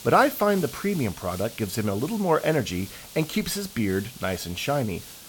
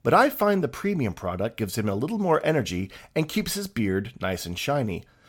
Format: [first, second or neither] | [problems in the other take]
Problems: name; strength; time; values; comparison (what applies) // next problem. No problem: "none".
second | hiss; noticeable; throughout; 15 dB below the speech